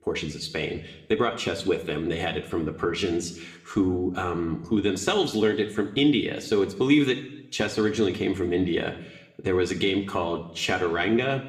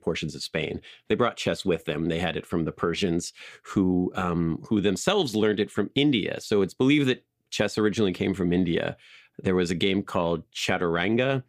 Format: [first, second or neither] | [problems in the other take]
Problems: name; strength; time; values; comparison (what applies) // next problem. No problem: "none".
second | room echo; slight; dies away in 0.7 s